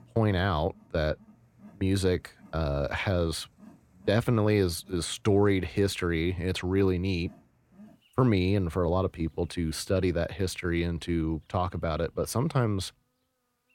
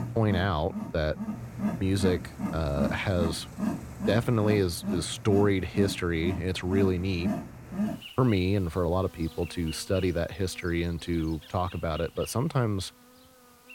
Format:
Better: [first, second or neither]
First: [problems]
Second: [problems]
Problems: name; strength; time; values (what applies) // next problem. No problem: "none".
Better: first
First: animal sounds; faint; throughout; 30 dB below the speech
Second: animal sounds; loud; throughout; 6 dB below the speech